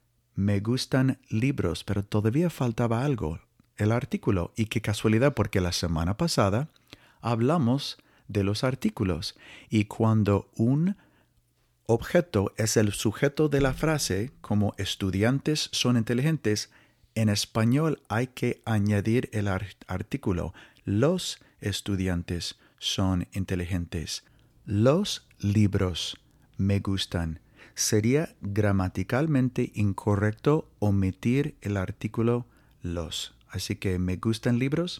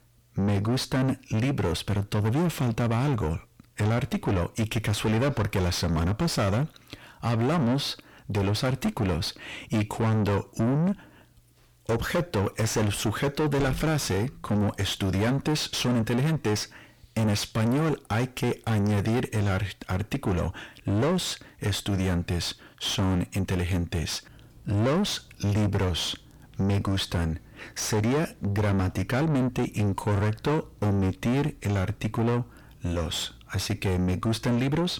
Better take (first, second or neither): first